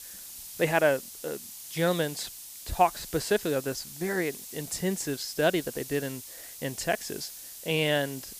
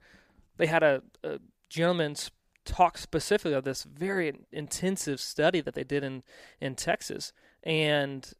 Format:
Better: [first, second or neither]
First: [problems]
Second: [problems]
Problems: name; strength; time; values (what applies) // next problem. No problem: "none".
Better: second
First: hiss; noticeable; throughout; 10 dB below the speech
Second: none